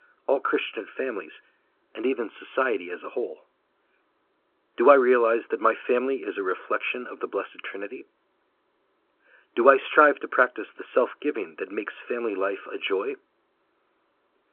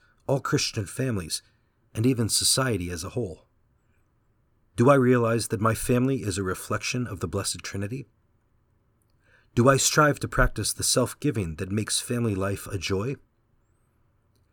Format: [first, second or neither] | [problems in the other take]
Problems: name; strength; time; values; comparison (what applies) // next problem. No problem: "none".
second | phone-call audio